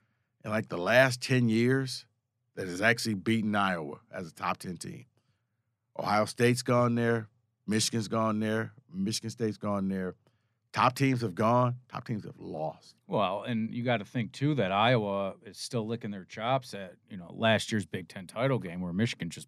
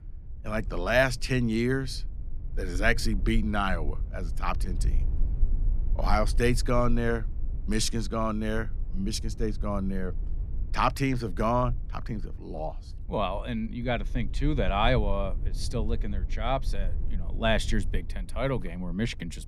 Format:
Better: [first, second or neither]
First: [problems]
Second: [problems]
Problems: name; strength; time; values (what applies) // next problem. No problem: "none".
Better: first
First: none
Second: low rumble; faint; throughout; 25 dB below the speech